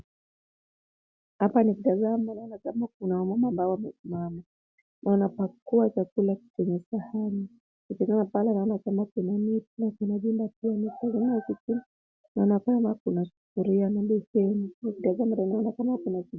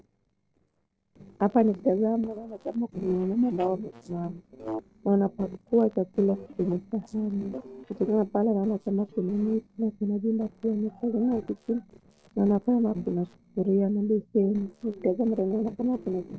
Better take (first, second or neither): first